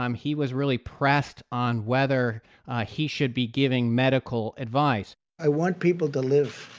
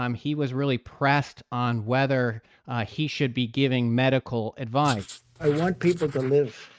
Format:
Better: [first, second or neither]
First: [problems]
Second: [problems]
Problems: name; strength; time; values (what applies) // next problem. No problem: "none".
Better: first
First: none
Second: noise reduction (neural mask model RNNoise)